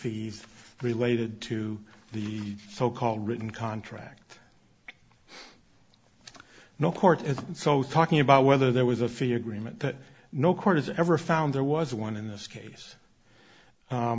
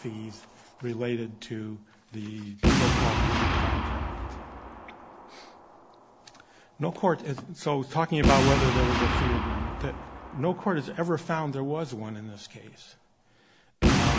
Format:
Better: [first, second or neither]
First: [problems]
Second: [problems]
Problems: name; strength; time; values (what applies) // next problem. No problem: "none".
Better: first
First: none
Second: background sound (Boom); 2 dB above the speech